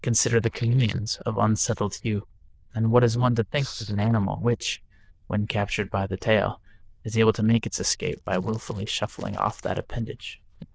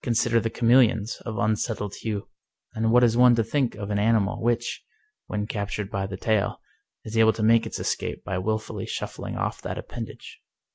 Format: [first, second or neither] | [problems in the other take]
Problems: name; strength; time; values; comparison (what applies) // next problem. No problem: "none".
second | noise reduction (neural diffusion model UNIVERSE++)